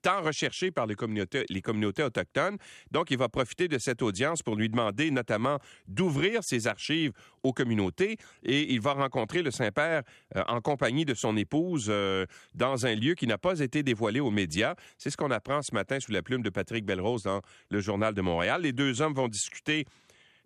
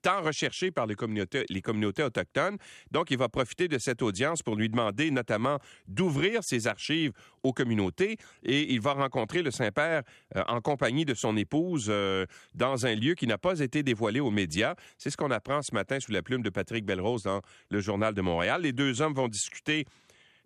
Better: neither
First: none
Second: none

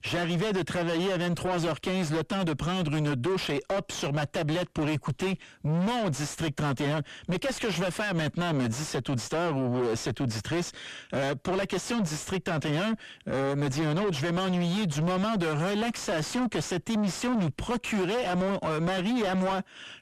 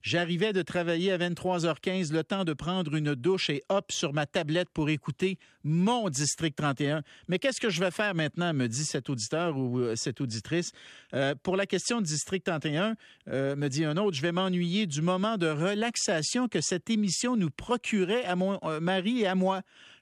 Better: second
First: distortion; heavy; 5 dB below the speech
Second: none

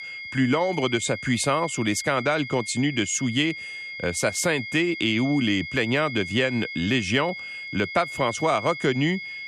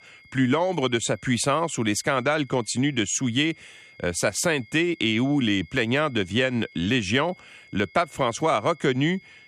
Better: second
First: high-pitched whine; loud; throughout; 2 kHz, 9 dB below the speech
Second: high-pitched whine; faint; throughout; 2 kHz, 25 dB below the speech

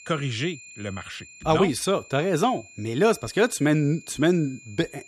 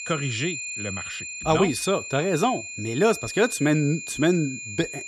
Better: first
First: high-pitched whine; faint; throughout; 2.5 kHz, 20 dB below the speech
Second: high-pitched whine; loud; throughout; 2.5 kHz, 8 dB below the speech

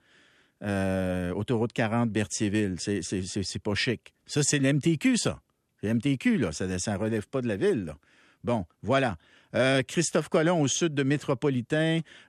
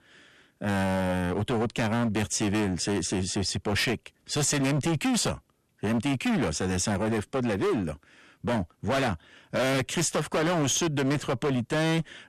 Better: first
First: none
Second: distortion; heavy; 23% of the sound clipped

